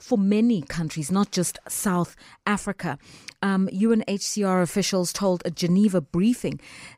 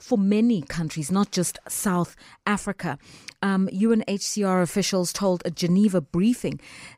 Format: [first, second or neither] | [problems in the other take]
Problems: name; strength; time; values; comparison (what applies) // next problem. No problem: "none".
neither | none